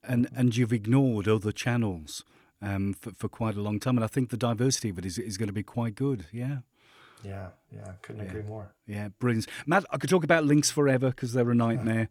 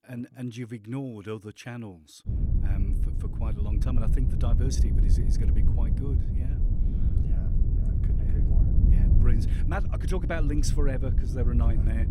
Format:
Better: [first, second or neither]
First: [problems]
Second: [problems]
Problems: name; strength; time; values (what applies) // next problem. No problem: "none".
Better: first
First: none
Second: wind noise on the microphone; heavy; from 2.5 s on; 3 dB below the speech